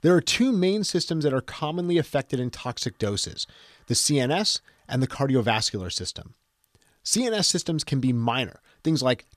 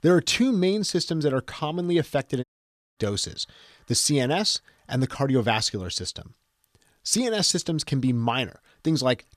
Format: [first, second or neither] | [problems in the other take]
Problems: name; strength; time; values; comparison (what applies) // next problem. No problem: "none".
first | audio cutting out; at 2.5 s for 0.5 s